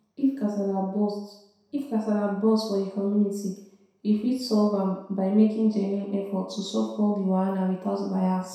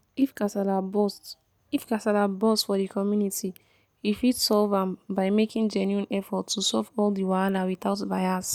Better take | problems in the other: second | room echo; dies away in 0.7 s

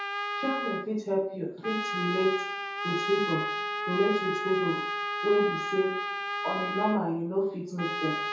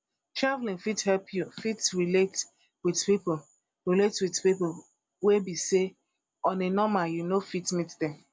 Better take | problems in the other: second | background sound (Trumpet); 3 dB below the speech // room echo; dies away in 0.6 s

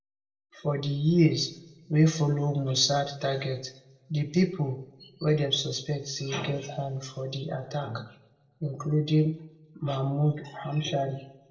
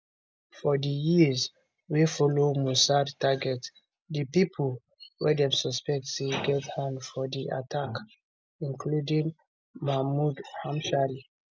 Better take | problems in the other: second | room echo; dies away in 0.5 s

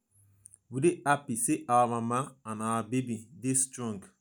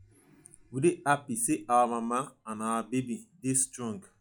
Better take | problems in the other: first | noise reduction (classical method log-MMSE)

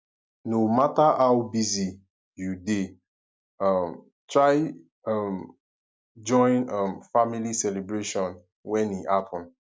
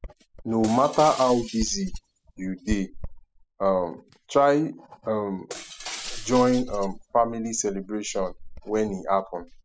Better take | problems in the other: first | noise reduction (classical method spectral subtraction)

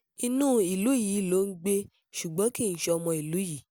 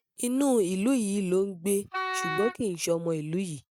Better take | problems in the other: first | noise reduction (neural mask model RNNoise)

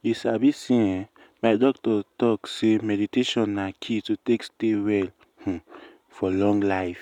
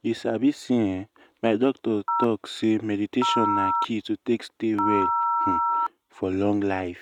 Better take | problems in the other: first | noise reduction (neural mask model RNNoise)

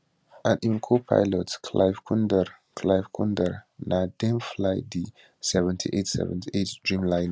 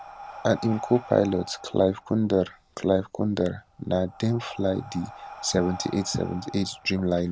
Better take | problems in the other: first | background sound (Breathing); 17 dB below the speech

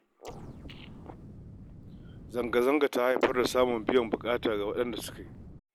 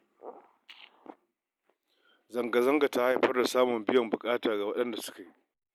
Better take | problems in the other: second | background sound (Explosion); 16 dB below the speech

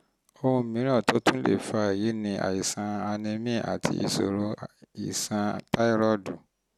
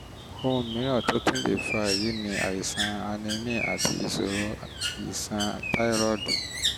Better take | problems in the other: first | background sound (Bird); 4 dB below the speech

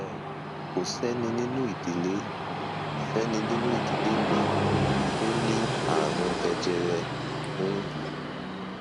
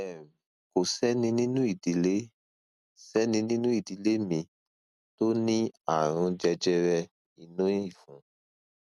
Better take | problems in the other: second | background sound (Train); 2 dB above the speech

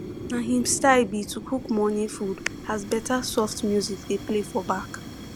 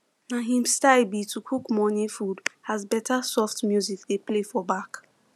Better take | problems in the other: second | background sound (Fire); 12 dB below the speech

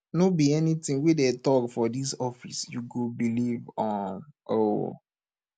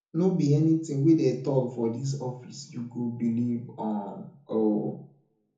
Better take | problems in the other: first | room echo; dies away in 0.6 s

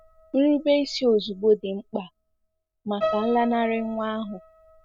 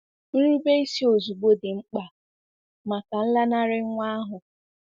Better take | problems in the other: second | background sound (Piano); 12 dB below the speech

